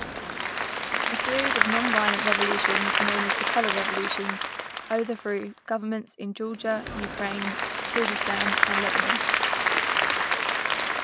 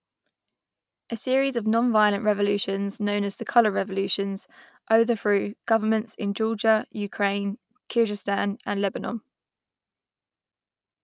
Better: second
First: background sound (Applause / Crowd); 5 dB above the speech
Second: none

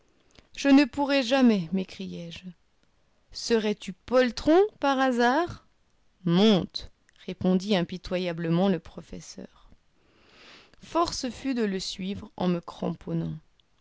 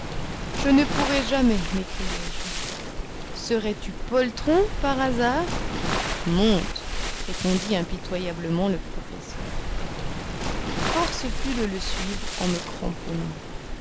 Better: first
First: none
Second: background sound (Waves, surf); 2 dB below the speech

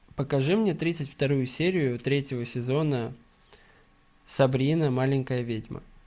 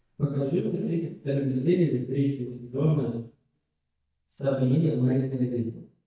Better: first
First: none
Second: noise reduction (neural mask model DeepFilterNet 3)

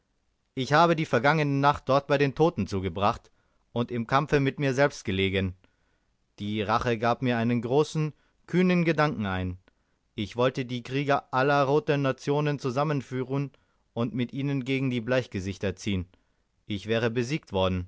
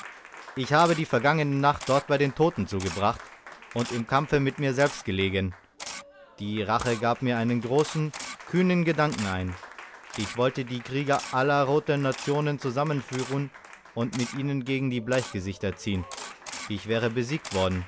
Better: first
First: none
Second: background sound (Camera + Applause); 15 dB below the speech

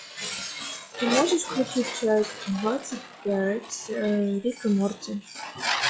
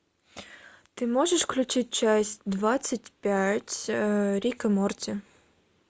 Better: second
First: noise reduction (classical method log-MMSE)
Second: none

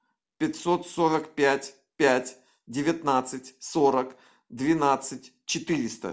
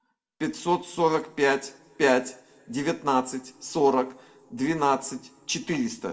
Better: first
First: none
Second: room echo; dies away in 1.1 s

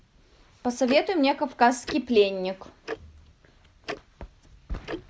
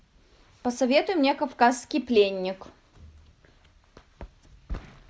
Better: second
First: background sound (Tick-tock); 15 dB below the speech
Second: none

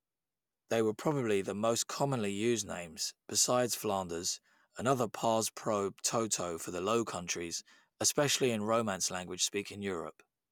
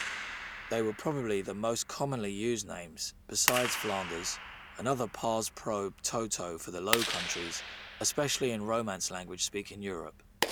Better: first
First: none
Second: background sound (Clapping); 6 dB below the speech

